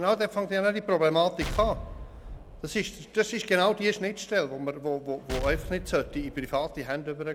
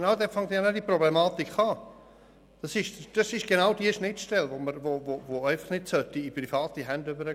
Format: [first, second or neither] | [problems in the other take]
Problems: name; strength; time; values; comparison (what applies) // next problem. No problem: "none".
second | background sound (Explosion); 10 dB below the speech